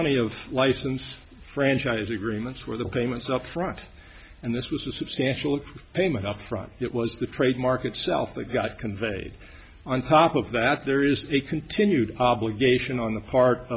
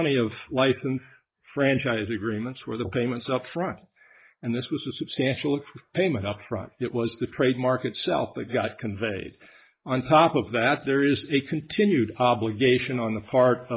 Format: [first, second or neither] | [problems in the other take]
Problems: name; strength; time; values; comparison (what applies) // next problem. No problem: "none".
first | noise reduction (neural mask model Resemble Enhance denoiser)